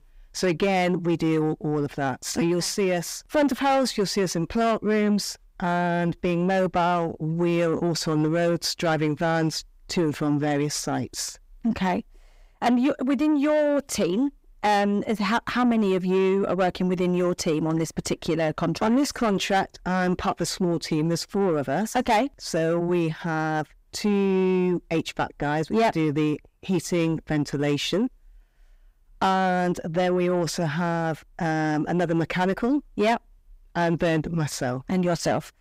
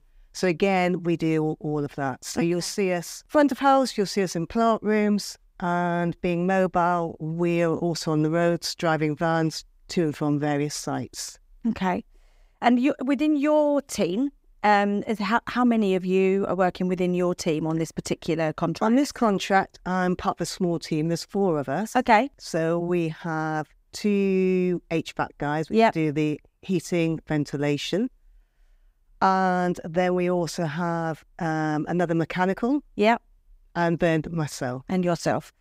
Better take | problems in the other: second | distortion; slight; 10 dB below the speech

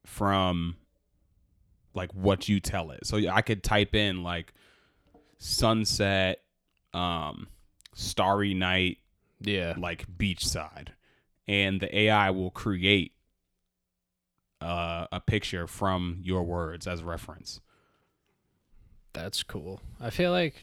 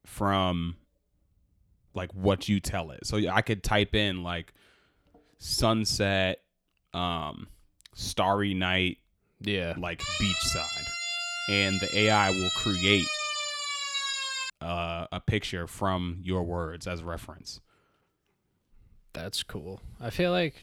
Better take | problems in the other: first | siren; loud; from 10 to 15 s; peak 1 dB above the speech

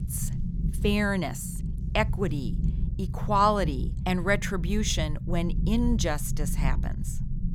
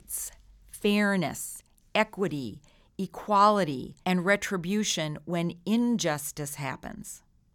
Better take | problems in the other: second | low rumble; noticeable; throughout; 15 dB below the speech

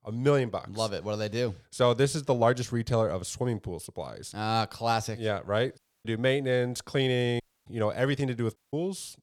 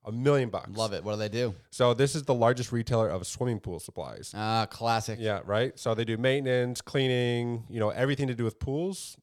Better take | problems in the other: second | audio cutting out; at 6 s, at 7.5 s and at 8.5 s

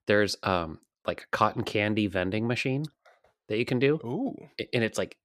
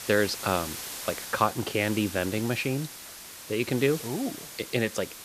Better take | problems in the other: first | hiss; loud; throughout; 9 dB below the speech

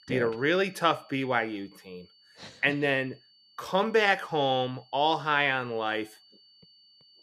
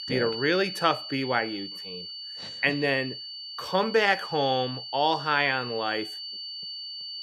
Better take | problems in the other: first | high-pitched whine; loud; throughout; 4.5 kHz, 9 dB below the speech; faint in the first

